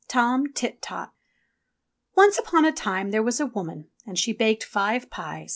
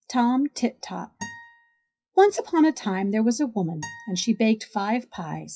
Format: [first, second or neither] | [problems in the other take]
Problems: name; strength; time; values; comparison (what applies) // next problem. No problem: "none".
first | noise reduction (classical method WPE with log-MMSE)